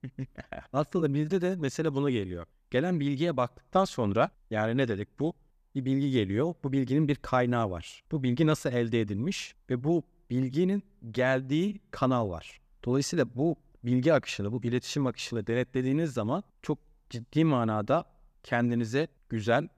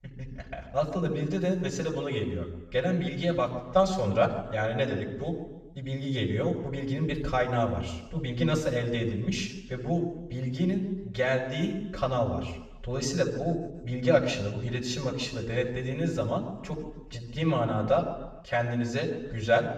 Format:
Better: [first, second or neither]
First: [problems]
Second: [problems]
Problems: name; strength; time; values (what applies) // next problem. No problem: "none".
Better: first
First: none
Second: room echo; slight; dies away in 1 s // off-mic speech; far